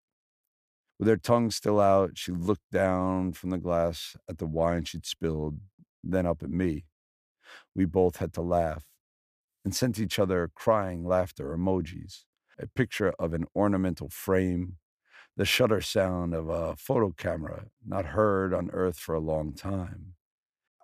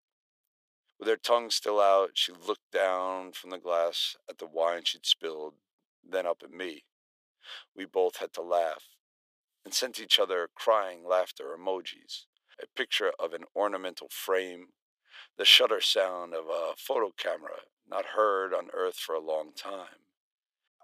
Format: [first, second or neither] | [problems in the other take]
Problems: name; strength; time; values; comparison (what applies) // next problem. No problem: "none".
first | thin; very; fading below 450 Hz